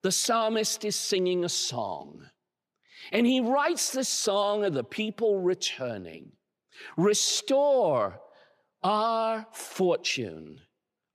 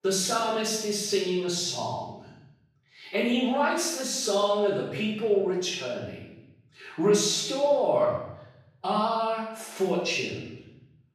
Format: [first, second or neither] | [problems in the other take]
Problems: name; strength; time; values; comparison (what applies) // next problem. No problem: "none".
first | off-mic speech; far // room echo; noticeable; dies away in 0.8 s